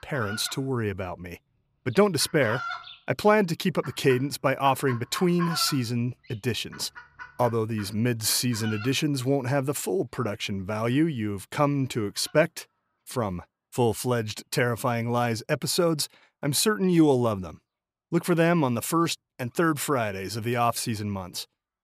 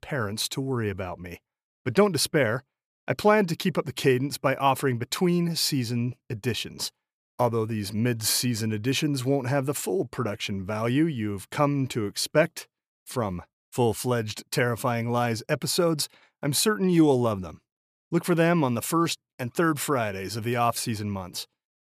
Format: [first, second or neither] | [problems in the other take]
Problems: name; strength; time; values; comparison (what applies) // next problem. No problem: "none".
second | animal sounds; noticeable; throughout; 15 dB below the speech